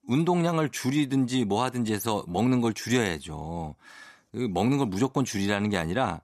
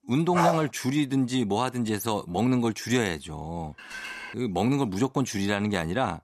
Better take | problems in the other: first | dog barking; loud; at 0.5 s; peak 1 dB above the speech // clattering dishes; noticeable; at 4 s; peak 9 dB below the speech

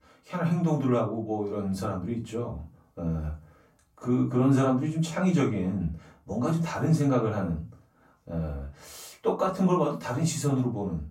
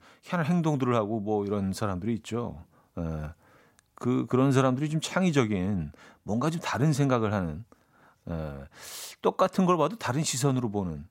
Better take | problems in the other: second | off-mic speech; far // room echo; slight; dies away in 0.3 s

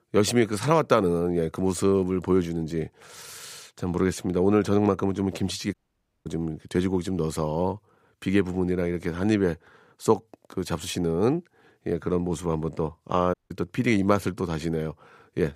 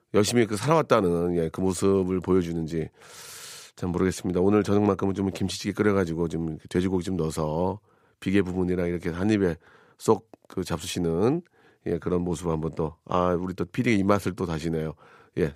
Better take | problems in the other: second | audio cutting out; at 5.5 s for 0.5 s and at 13 s

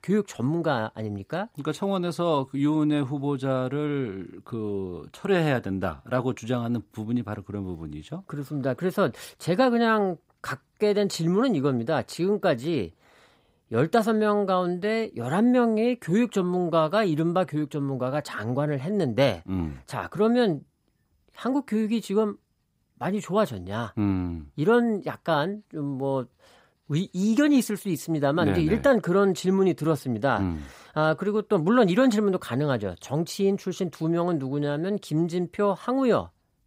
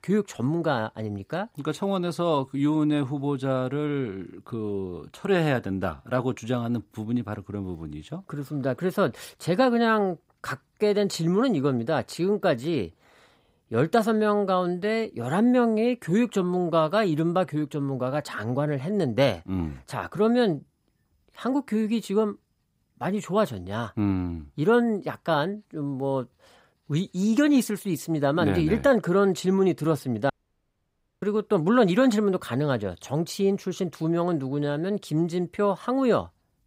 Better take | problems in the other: first | audio cutting out; at 30 s for 1 s

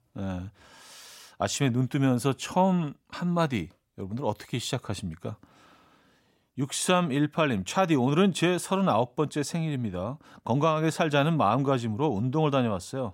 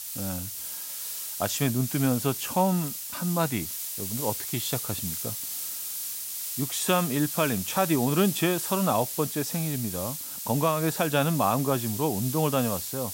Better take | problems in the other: first | hiss; loud; throughout; 4 dB below the speech

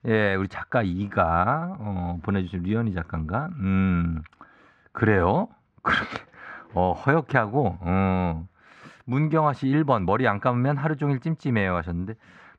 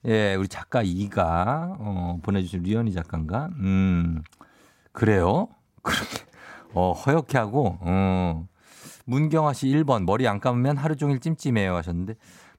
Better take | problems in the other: second | muffled; slightly; fading above 2.5 kHz

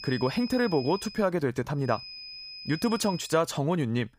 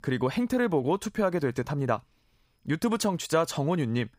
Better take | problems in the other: second | high-pitched whine; noticeable; until 1 s and from 2 to 3.5 s; 5 kHz, 10 dB below the speech

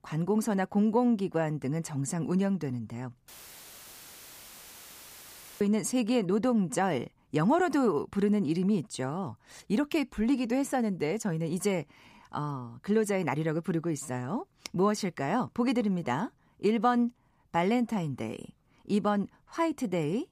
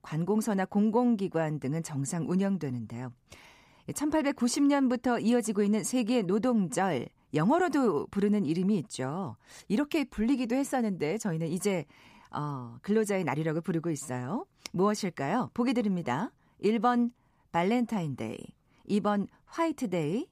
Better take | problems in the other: second | audio cutting out; filled with static; at 3.5 s for 2.5 s

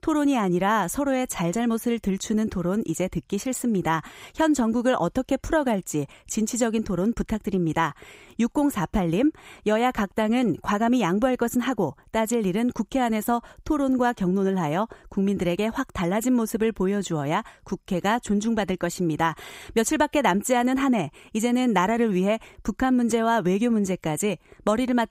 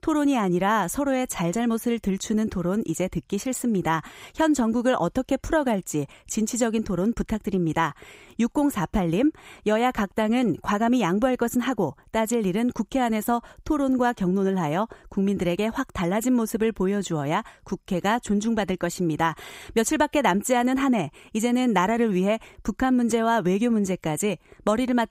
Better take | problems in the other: neither | none

